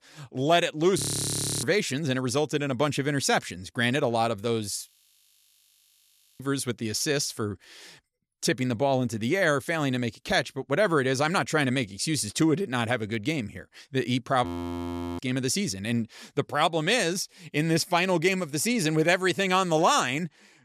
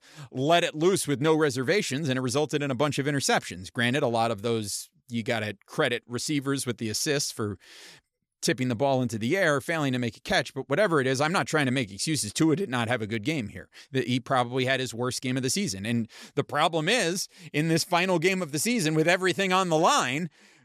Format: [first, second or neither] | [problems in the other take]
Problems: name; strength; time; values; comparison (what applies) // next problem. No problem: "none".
second | audio freezing; at 1 s for 0.5 s, at 5 s for 1.5 s and at 14 s for 0.5 s